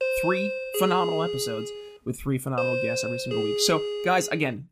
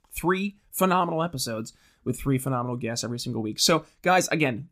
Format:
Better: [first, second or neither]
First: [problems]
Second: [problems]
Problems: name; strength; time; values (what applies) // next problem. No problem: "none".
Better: second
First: doorbell; loud; peak 2 dB above the speech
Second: none